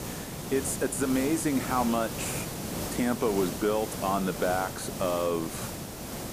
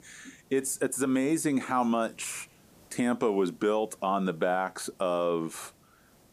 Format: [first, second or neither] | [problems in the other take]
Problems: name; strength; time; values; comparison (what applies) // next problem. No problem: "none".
second | hiss; loud; throughout; 6 dB below the speech; faint in the second